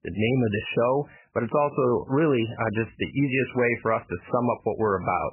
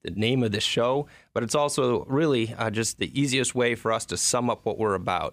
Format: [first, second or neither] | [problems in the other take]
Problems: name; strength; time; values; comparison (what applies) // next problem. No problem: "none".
second | garbled, watery; badly; nothing above 3 kHz